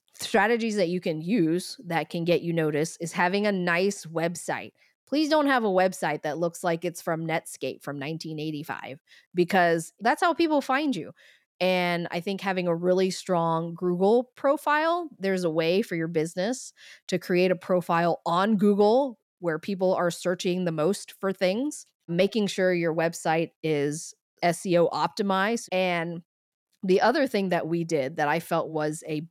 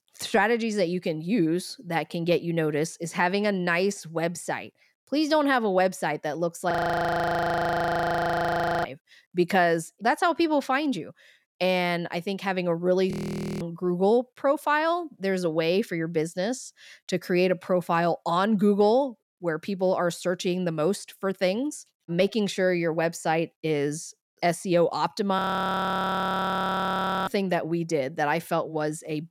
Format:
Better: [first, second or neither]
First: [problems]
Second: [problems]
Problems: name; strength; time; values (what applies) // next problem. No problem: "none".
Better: first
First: none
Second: audio freezing; at 6.5 s for 2 s, at 13 s for 0.5 s and at 25 s for 2 s